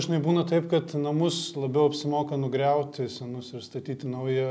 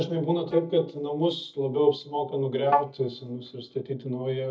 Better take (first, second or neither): first